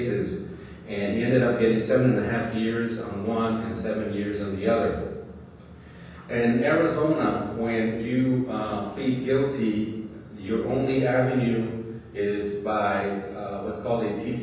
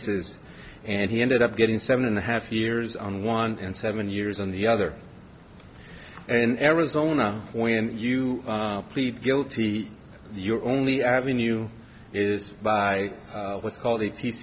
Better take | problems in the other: second | room echo; dies away in 1.1 s

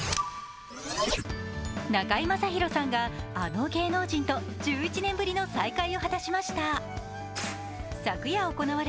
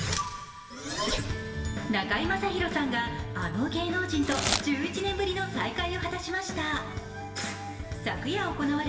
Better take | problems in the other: first | background sound (Packing tape, duct tape / Tearing); 6 dB below the speech // room echo; dies away in 1.2 s

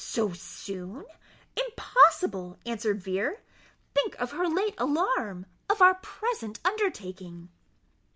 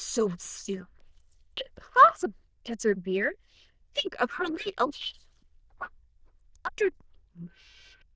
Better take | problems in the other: first | noise reduction (neural diffusion model UNIVERSE++)

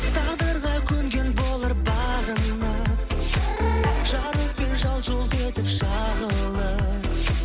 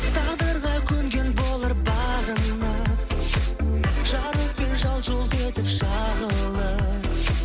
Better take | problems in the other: second | background sound (Animal / Brass instrument); 12 dB below the speech

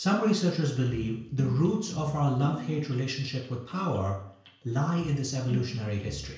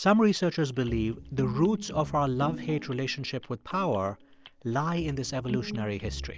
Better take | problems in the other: second | room echo; dies away in 0.5 s

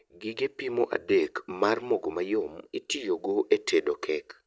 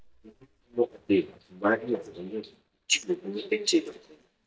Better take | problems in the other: first | noise reduction (neural mask model DeepFilterNet 3)

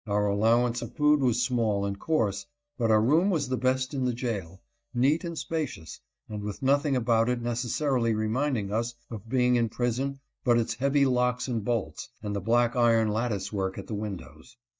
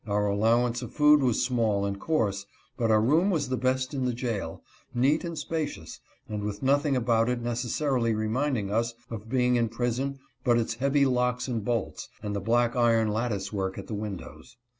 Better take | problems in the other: second | noise reduction (neural mask model DeepFilterNet 3)

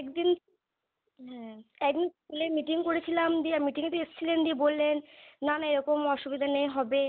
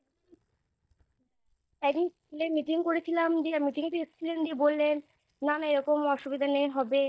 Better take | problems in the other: first | noise reduction (neural mask model DeepFilterNet 3)

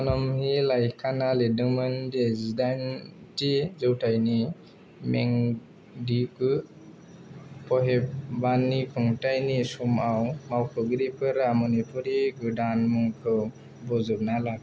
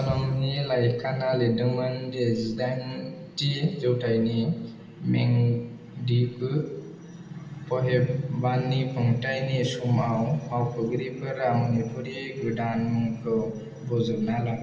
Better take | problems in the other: first | room echo; dies away in 1.2 s

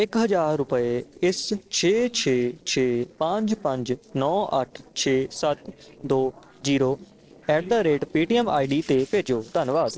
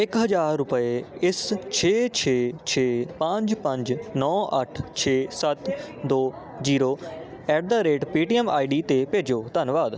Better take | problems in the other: second | noise reduction (neural separator model SepFormer DNS4)

